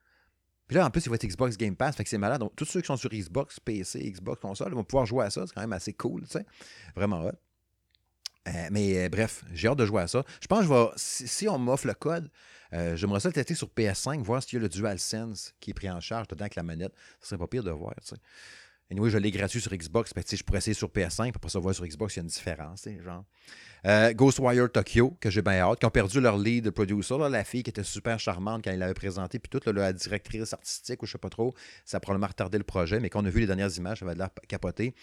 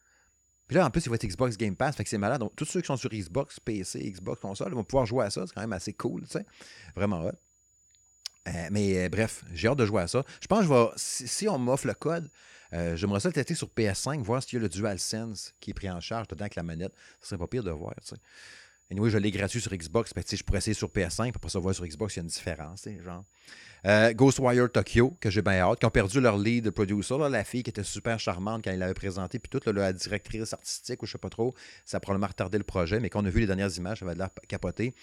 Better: first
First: none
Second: high-pitched whine; faint; throughout; 7 kHz, 35 dB below the speech

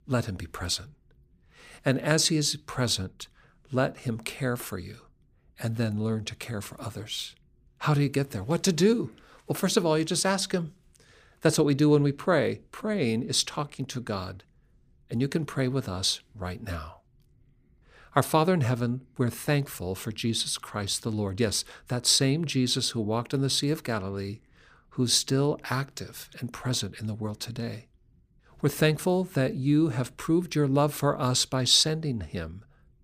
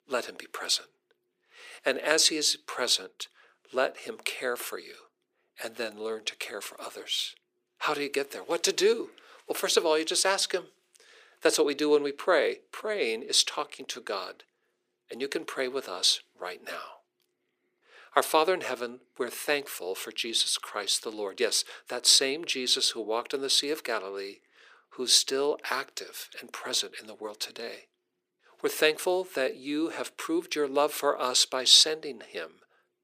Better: first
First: none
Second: thin; very; fading below 400 Hz

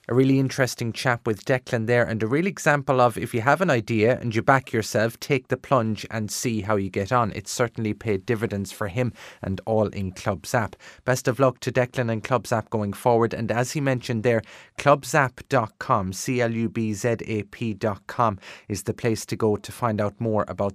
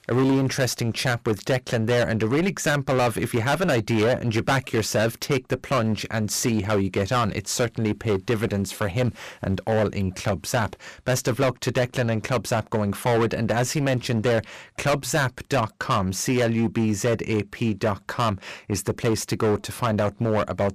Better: first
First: none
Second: distortion; heavy; 16% of the sound clipped

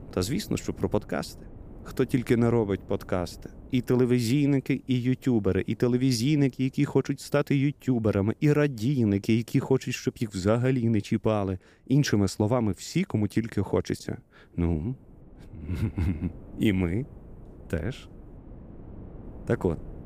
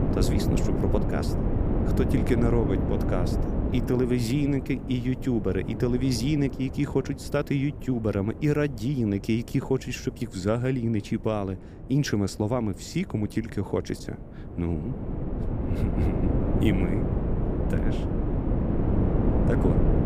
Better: first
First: wind noise on the microphone; occasional gusts; 25 dB below the speech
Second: wind noise on the microphone; heavy; 3 dB below the speech

